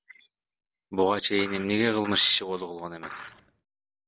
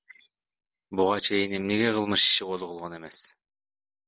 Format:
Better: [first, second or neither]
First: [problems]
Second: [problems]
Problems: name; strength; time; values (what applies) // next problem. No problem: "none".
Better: second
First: background sound (Skateboard); 14 dB below the speech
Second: none